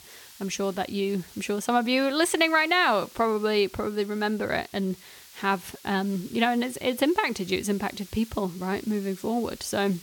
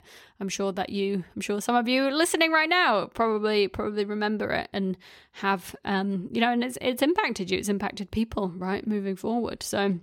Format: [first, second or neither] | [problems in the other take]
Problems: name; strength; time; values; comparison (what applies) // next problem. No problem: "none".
second | hiss; faint; throughout; 20 dB below the speech